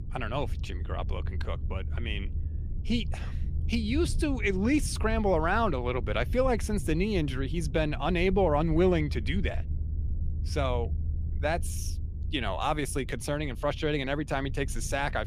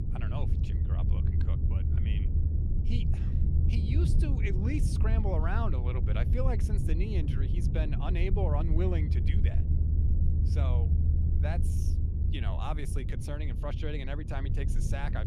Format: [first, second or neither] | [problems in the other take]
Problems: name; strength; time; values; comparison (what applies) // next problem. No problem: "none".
first | low rumble; loud; throughout; 4 dB below the speech; faint in the first